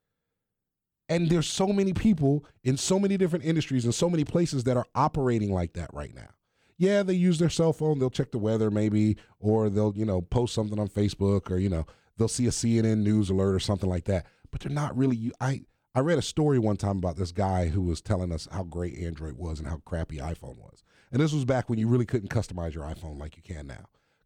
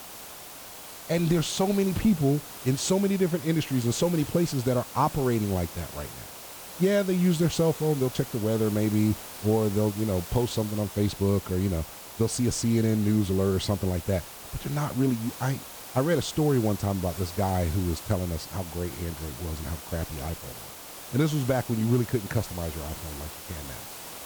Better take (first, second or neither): first